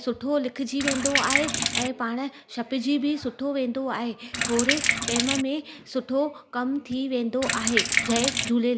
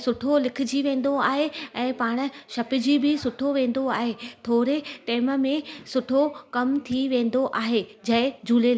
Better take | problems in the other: second | background sound (Sink (filling or washing)); 2 dB above the speech

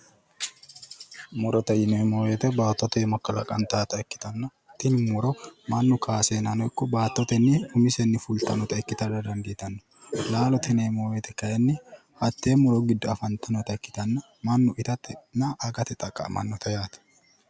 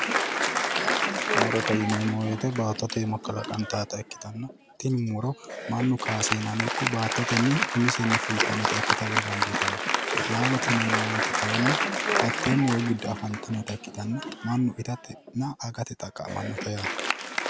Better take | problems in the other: first | background sound (Applause); as loud as the speech

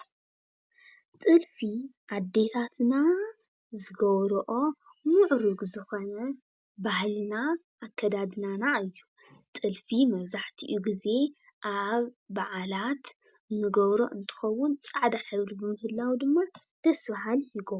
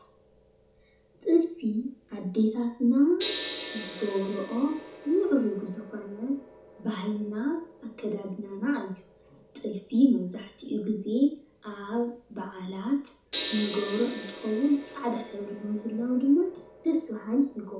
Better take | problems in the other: first | background sound (Gong); 15 dB below the speech // room echo; dies away in 0.6 s

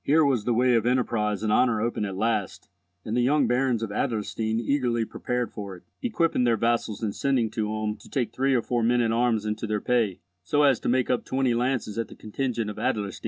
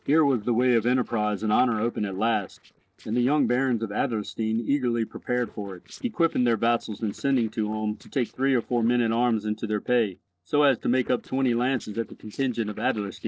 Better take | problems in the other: first | noise reduction (neural separator model SepFormer DNS4)

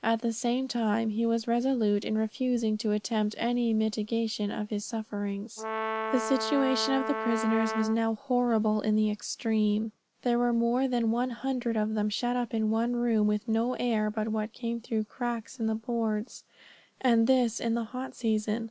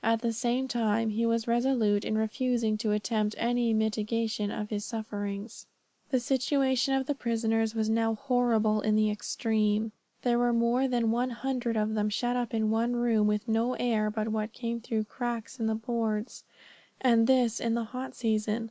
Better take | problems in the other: second | background sound (Brass instrument); 5 dB below the speech

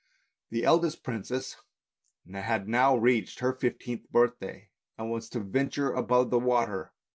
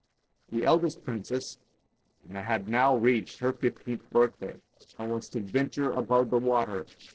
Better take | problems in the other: first | noise reduction (neural separator model SepFormer DNS4)

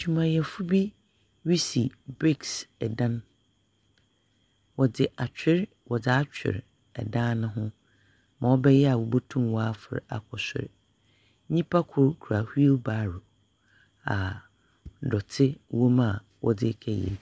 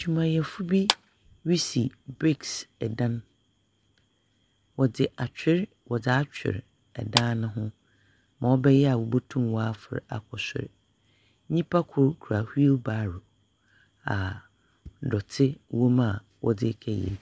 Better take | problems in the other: first | background sound (Clapping); 6 dB below the speech

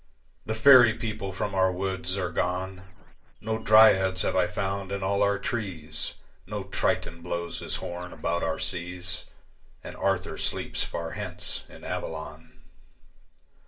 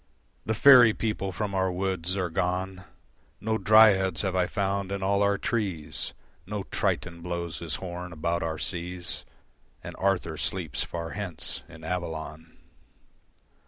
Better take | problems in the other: second | noise reduction (neural separator model SepFormer DNS4)

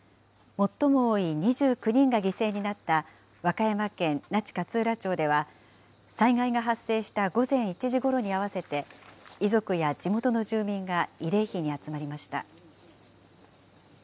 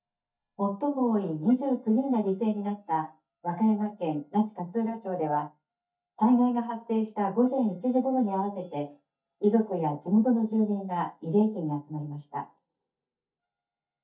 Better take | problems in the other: first | noise reduction (neural mask model DeepFilterNet 3)

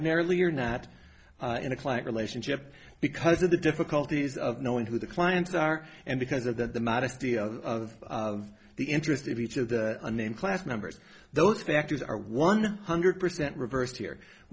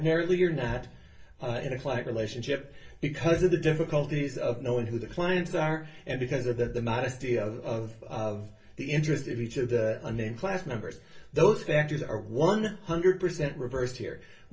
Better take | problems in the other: first | room echo; dies away in 0.2 s

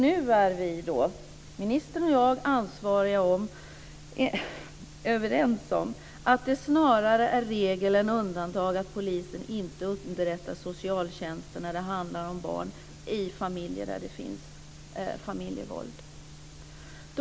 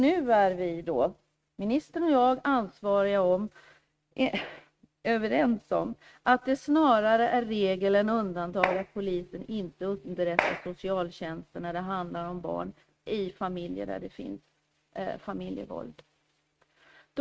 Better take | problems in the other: first | noise reduction (neural mask model RNNoise)

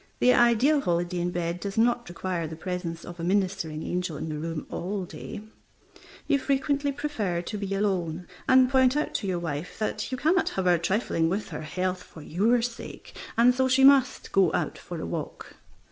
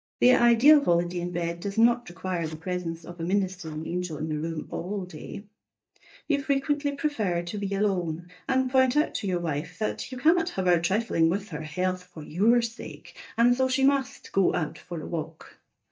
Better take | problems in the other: first | noise reduction (neural mask model DeepFilterNet 3)

